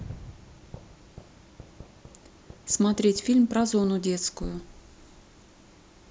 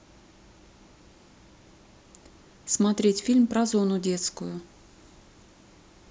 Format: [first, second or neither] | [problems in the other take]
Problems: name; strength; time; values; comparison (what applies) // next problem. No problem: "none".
second | background sound (Fireworks); 17 dB below the speech